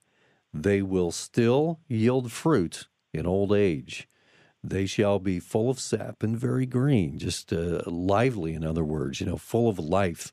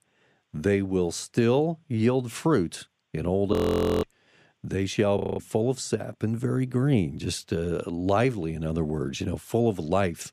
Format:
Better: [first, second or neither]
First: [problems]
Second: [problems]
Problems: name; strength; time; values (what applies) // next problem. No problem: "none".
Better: first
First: none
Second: audio freezing; at 3.5 s for 0.5 s and at 5 s